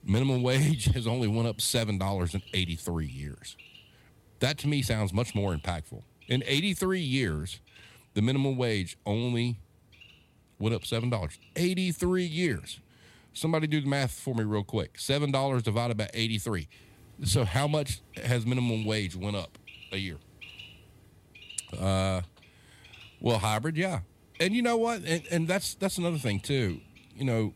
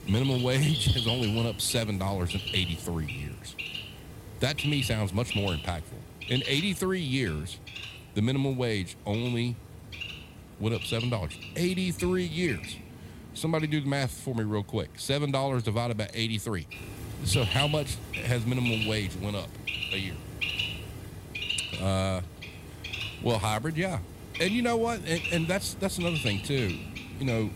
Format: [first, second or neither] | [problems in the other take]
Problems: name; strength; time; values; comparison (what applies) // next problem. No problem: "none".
first | animal sounds; loud; throughout; 6 dB below the speech; faint in the first